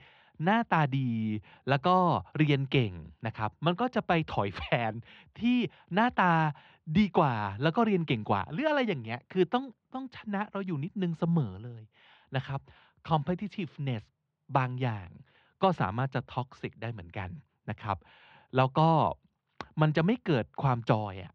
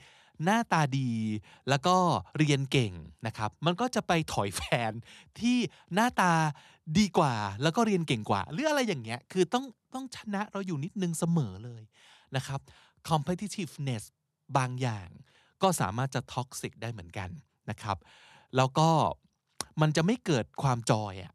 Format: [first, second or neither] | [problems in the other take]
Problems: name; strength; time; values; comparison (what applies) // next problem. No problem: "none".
second | muffled; very; fading above 3 kHz